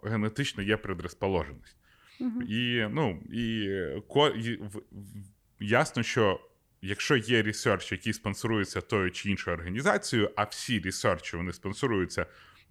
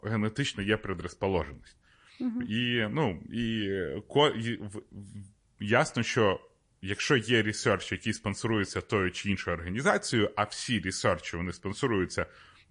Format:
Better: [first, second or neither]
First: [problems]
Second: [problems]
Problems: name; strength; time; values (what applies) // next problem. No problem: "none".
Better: first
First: none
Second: garbled, watery; slightly; nothing above 10 kHz